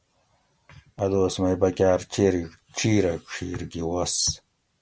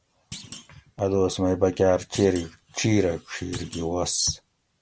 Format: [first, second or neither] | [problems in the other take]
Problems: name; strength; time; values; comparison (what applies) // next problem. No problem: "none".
first | background sound (Thump, thud); 20 dB below the speech